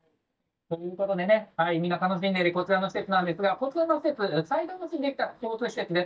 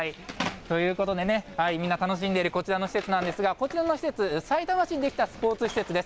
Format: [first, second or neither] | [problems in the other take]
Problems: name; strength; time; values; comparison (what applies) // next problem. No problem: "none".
second | noise reduction (neural mask model DeepFilterNet 3)